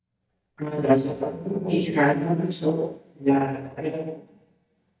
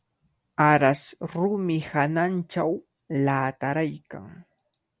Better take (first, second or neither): second